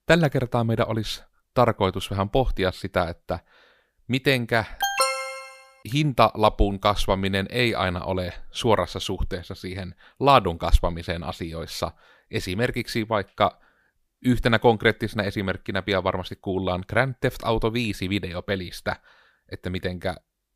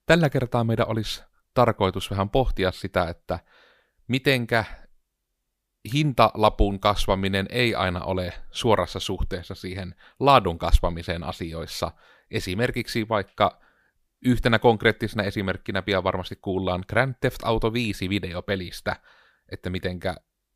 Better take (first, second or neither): second